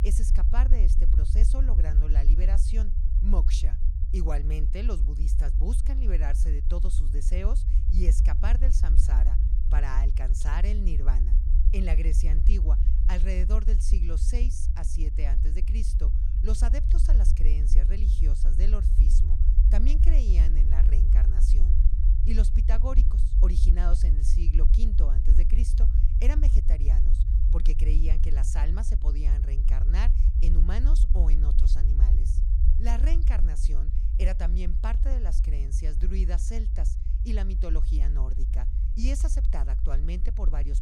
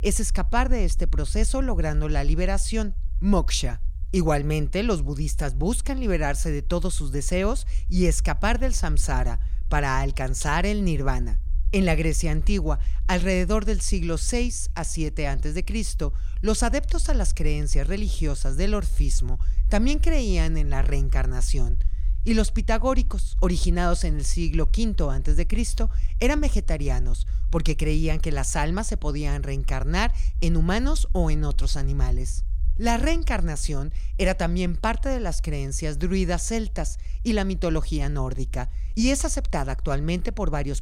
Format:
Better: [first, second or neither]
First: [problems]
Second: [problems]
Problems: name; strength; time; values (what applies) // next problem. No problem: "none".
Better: second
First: low rumble; loud; throughout; 5 dB below the speech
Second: low rumble; faint; throughout; 25 dB below the speech